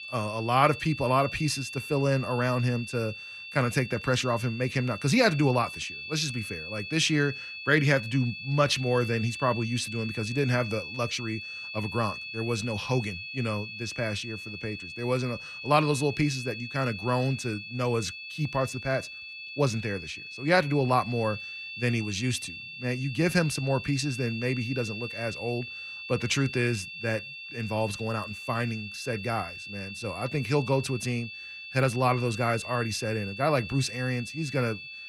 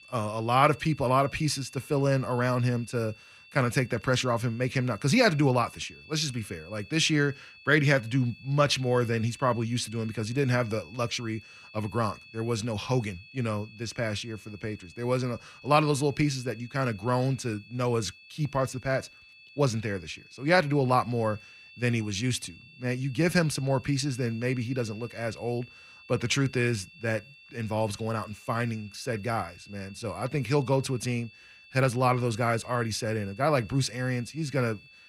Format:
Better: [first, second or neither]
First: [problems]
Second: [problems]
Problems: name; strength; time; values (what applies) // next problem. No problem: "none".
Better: second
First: high-pitched whine; loud; throughout; 2.5 kHz, 9 dB below the speech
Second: high-pitched whine; faint; throughout; 2.5 kHz, 20 dB below the speech